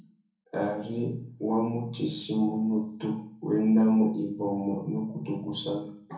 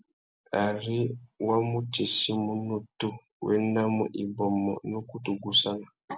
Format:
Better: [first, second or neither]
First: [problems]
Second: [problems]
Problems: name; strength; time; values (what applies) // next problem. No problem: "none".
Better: second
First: room echo; dies away in 0.6 s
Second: none